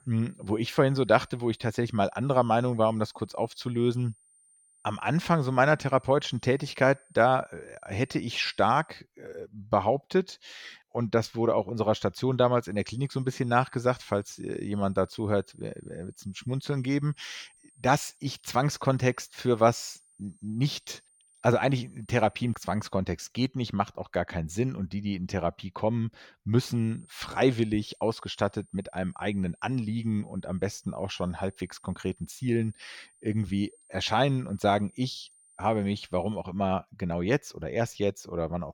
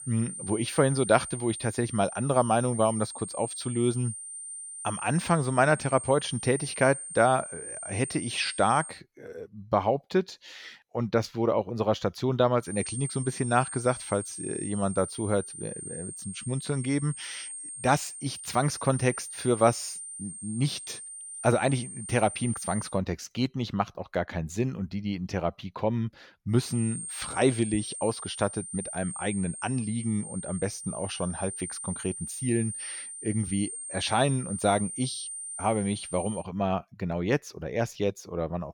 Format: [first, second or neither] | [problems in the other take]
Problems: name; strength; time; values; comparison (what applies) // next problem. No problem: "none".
first | high-pitched whine; loud; until 9 s, from 13 to 23 s and from 27 to 36 s; 9 kHz, 8 dB below the speech; faint in the first